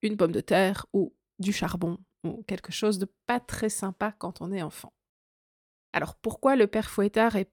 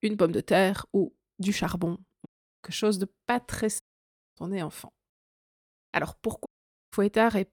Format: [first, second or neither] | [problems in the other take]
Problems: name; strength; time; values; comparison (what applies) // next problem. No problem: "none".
first | audio cutting out; at 2.5 s, at 4 s for 0.5 s and at 6.5 s